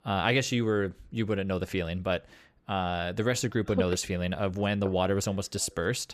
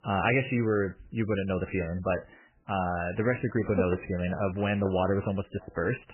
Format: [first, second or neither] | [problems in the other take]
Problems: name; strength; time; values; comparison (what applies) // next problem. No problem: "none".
first | garbled, watery; badly; nothing above 3 kHz